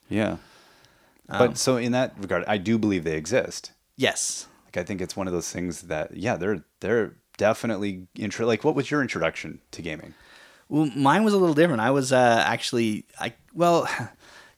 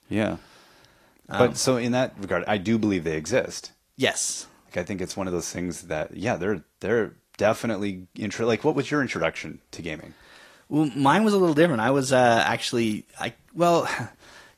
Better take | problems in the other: first | garbled, watery; slightly; nothing above 14.5 kHz

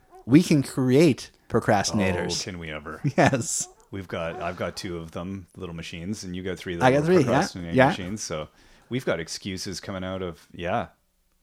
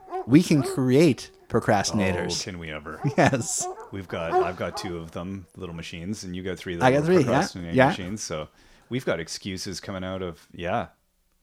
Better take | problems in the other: first | animal sounds; loud; until 5.5 s; 8 dB below the speech; faint in the first

